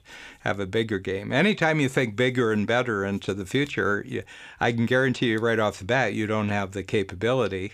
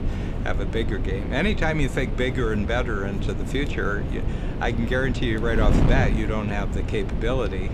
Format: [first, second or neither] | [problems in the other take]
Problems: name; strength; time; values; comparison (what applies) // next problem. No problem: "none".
first | wind noise on the microphone; heavy; 8 dB below the speech